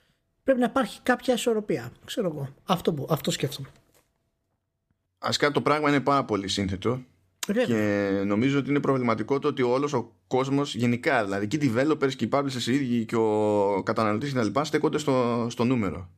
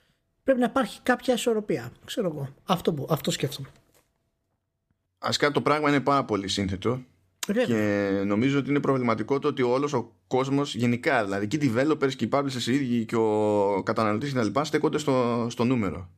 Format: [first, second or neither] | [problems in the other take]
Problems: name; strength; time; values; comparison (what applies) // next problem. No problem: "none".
neither | none